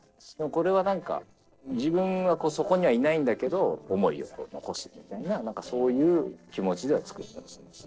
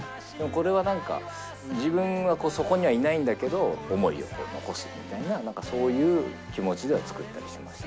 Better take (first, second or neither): second